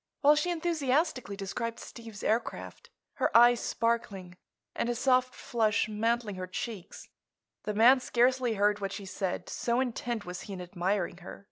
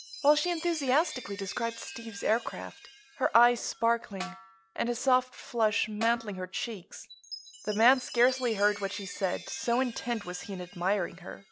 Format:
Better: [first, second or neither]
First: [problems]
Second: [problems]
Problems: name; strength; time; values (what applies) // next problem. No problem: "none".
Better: first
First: none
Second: background sound (Snare drum + Chime); 16 dB below the speech